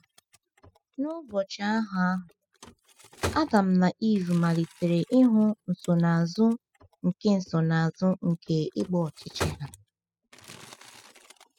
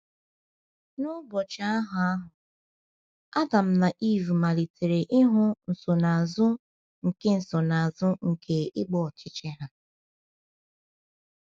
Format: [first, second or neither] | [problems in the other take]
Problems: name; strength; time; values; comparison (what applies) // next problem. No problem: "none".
second | noise reduction (classical method spectral subtraction)